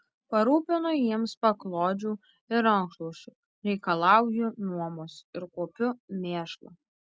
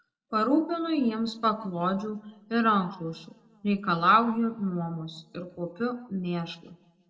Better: first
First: none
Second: room echo; dies away in 0.6 s

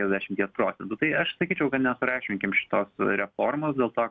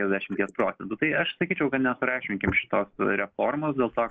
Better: first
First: none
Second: noise reduction (neural mask model Resemble Enhance denoiser)

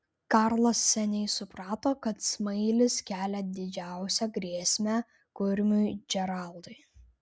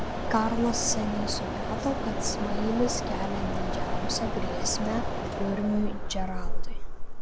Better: first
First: none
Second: background sound (Mechanisms); 3 dB above the speech

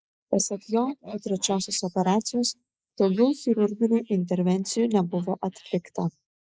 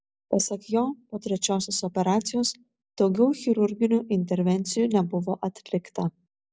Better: second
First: noise reduction (neural mask model Resemble Enhance denoiser)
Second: none

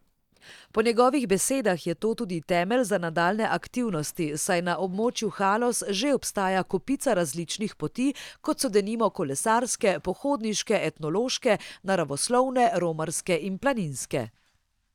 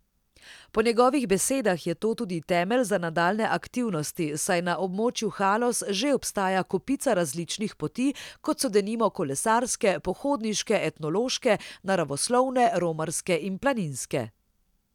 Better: second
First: noise reduction (neural mask model DeepFilterNet 3)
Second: none

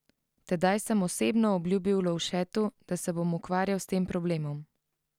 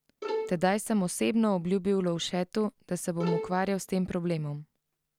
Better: first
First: none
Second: background sound (Bowed string instrument); 7 dB below the speech

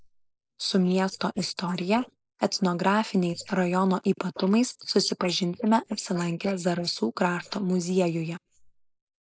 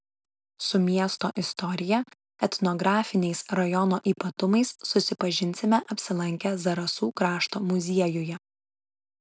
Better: second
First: noise reduction (neural mask model Resemble Enhance denoiser)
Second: none

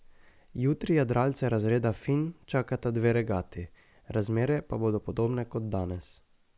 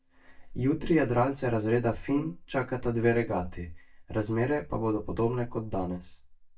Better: first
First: none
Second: noise reduction (neural mask model DeepFilterNet 3)

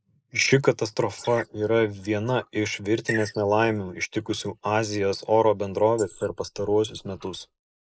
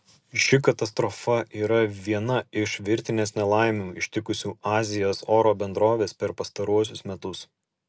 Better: second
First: noise reduction (neural mask model Resemble Enhance denoiser)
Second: none

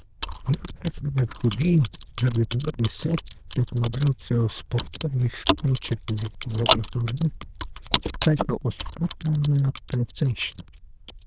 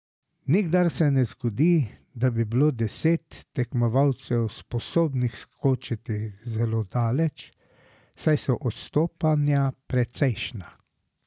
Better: second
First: noise reduction (neural diffusion model UNIVERSE++)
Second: none

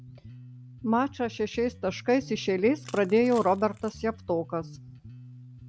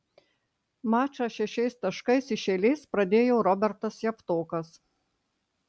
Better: second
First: background sound (Crushing + Bass guitar); 18 dB below the speech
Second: none

